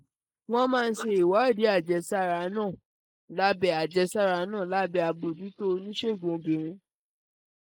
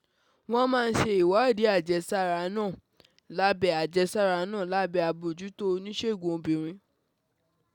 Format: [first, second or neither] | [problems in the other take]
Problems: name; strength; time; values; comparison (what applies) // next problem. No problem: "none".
second | noise reduction (neural mask model Resemble Enhance denoiser)